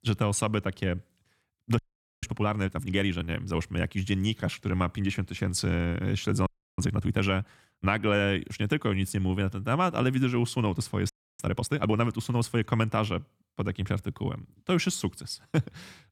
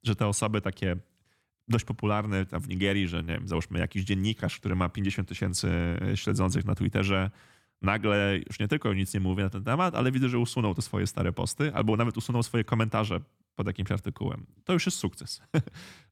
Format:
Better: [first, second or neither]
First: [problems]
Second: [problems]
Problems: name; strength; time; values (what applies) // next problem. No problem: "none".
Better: second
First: audio freezing; at 2 s, at 6.5 s and at 11 s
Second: none